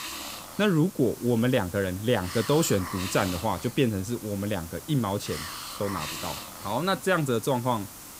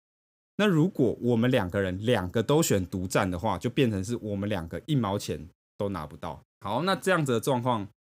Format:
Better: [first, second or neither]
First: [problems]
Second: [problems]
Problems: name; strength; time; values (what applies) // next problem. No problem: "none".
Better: second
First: hiss; noticeable; throughout; 10 dB below the speech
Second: none